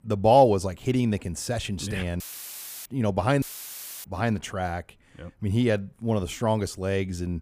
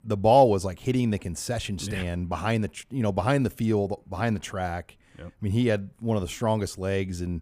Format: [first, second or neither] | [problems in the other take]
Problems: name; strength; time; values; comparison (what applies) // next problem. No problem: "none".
second | audio cutting out; filled with static; at 2 s for 0.5 s and at 3.5 s for 0.5 s